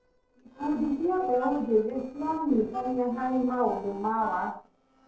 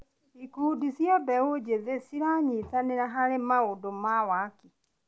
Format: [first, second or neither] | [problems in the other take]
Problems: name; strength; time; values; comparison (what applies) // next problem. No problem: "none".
second | noise reduction (neural separator model SepFormer DNS4)